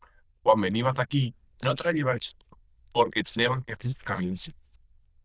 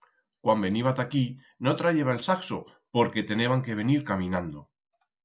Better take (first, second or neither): second